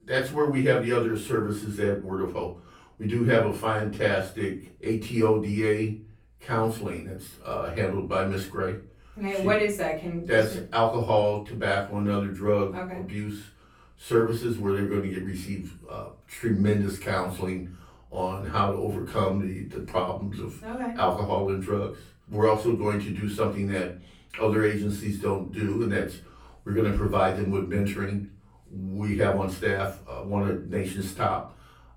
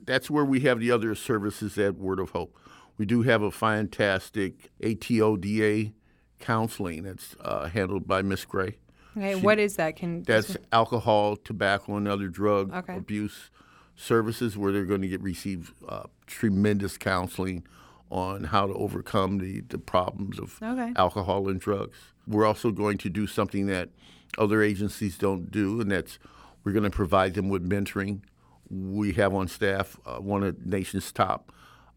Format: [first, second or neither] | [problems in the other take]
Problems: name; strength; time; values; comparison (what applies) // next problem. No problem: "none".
second | off-mic speech; far // room echo; slight; dies away in 0.3 s